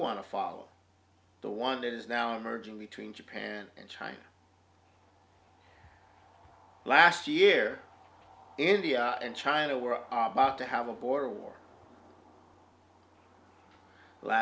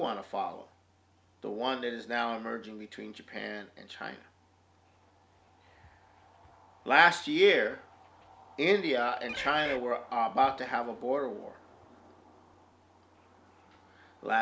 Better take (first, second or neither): first